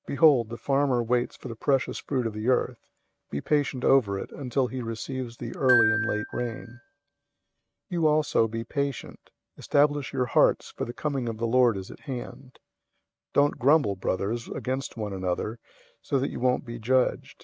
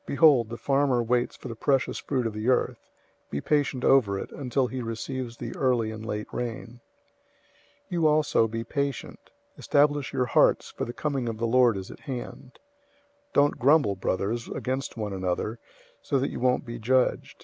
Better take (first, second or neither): second